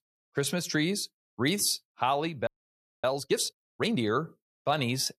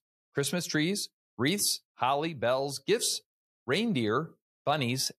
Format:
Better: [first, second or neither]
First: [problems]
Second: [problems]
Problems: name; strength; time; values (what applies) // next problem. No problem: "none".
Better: second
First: audio freezing; at 2.5 s for 0.5 s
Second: none